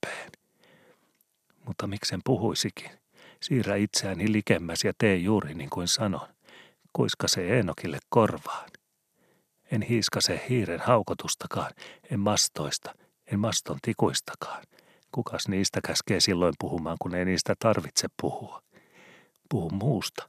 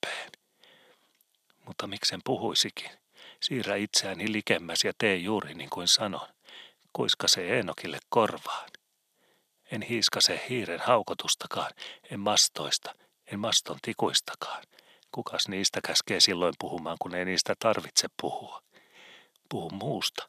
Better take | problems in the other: first | thin; very slightly; fading below 850 Hz

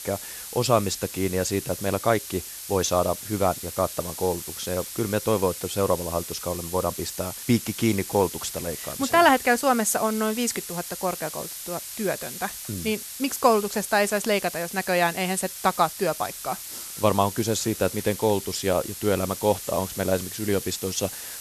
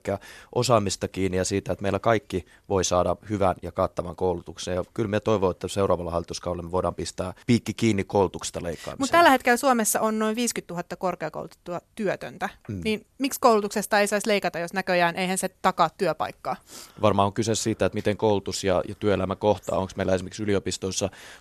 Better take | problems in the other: second | hiss; loud; throughout; 9 dB below the speech

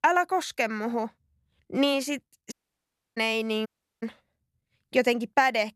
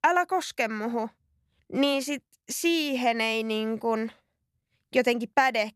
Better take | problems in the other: second | audio cutting out; at 2.5 s for 0.5 s and at 3.5 s

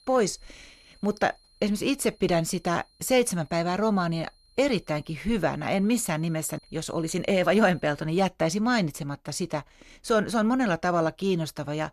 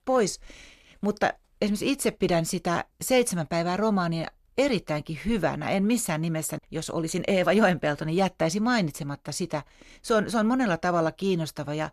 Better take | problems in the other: second | high-pitched whine; faint; until 8 s; 4 kHz, 30 dB below the speech

